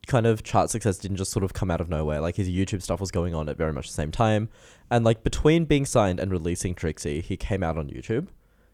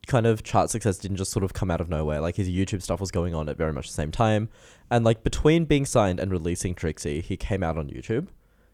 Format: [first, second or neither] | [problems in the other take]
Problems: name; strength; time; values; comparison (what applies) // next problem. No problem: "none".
neither | none